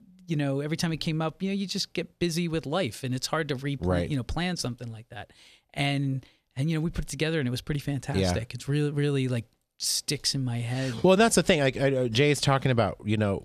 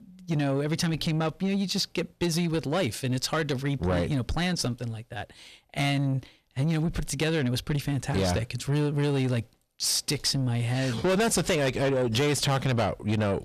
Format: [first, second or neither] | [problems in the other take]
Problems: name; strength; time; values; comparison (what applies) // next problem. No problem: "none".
first | distortion; heavy; 8 dB below the speech